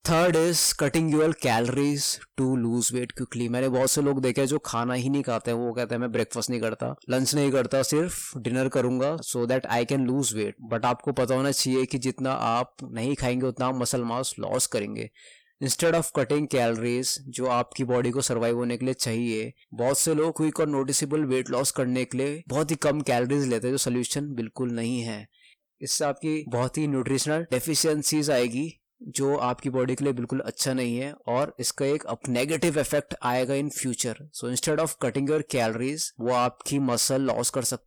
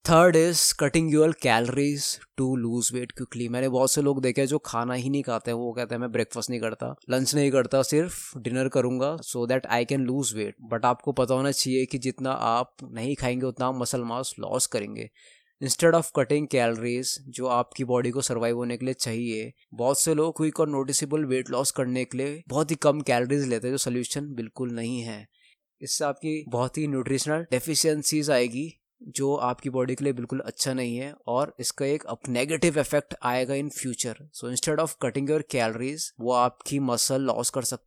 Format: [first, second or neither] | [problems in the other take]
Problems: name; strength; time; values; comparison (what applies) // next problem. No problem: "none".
second | distortion; slight; 10 dB below the speech